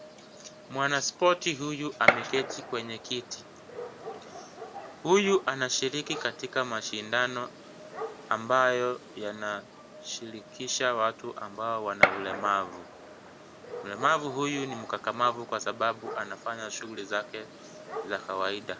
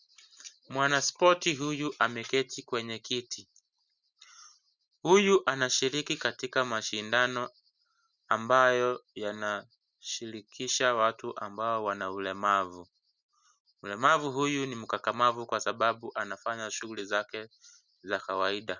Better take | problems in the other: second | background sound (Gunshot, gunfire); 6 dB below the speech

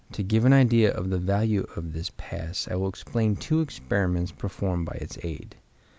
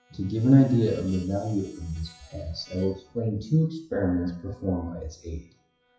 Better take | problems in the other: first | noise reduction (classical method WPE with log-MMSE)

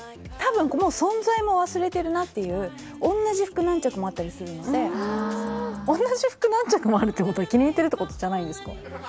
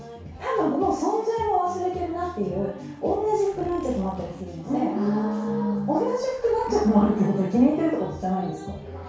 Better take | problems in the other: first | background sound (Zipper (clothing)); 20 dB below the speech // room echo; dies away in 0.6 s

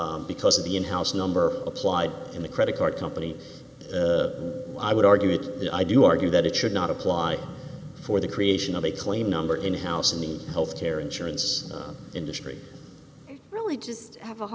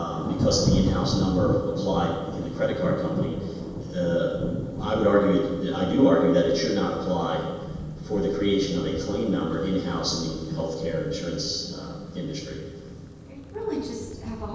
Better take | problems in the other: first | background sound (Thunder); 7 dB below the speech // room echo; dies away in 1.2 s

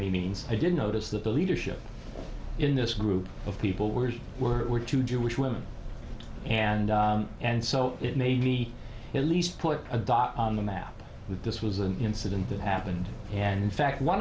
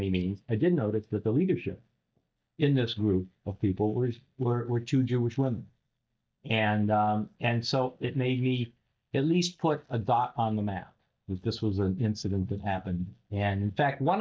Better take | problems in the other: first | noise reduction (neural mask model DeepFilterNet 3)

